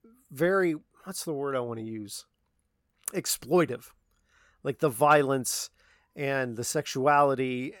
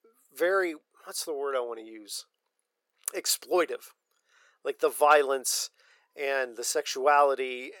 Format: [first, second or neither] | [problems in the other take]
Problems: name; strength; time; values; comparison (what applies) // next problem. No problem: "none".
first | thin; very; fading below 400 Hz